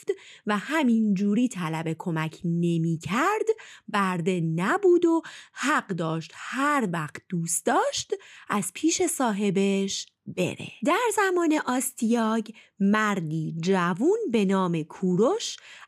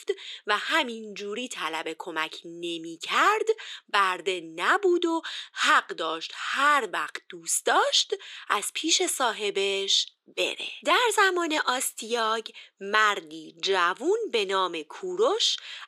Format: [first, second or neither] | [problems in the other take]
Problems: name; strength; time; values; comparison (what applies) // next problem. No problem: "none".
first | thin; very; fading below 400 Hz